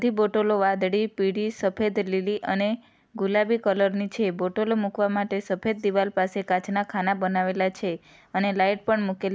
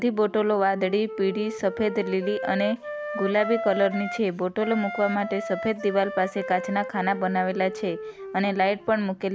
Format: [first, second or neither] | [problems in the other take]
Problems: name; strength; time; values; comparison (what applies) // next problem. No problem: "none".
first | background sound (Wind instrument, woodwind instrument); 9 dB below the speech